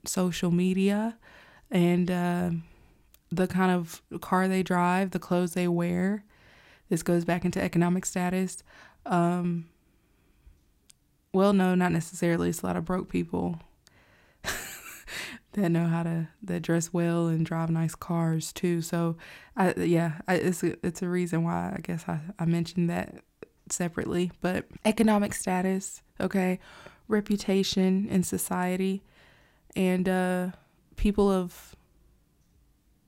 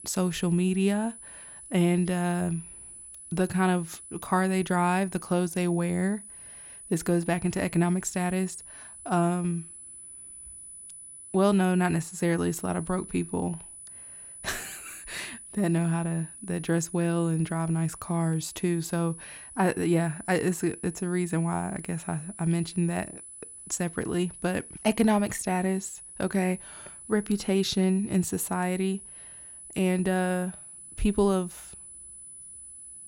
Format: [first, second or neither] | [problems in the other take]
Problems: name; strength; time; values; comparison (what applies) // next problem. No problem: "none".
first | high-pitched whine; noticeable; throughout; 10 kHz, 15 dB below the speech